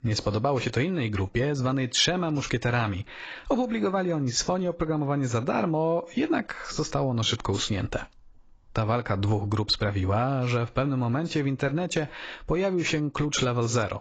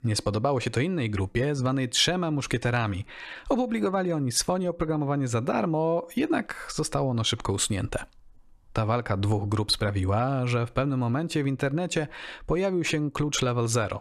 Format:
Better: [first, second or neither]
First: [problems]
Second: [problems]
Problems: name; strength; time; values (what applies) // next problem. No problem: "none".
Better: second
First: garbled, watery; badly; nothing above 7.5 kHz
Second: none